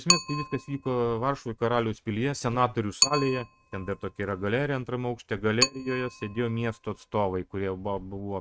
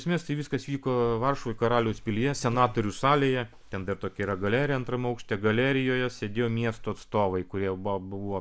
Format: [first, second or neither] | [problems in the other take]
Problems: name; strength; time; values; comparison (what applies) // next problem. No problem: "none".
second | noise reduction (neural mask model RNNoise)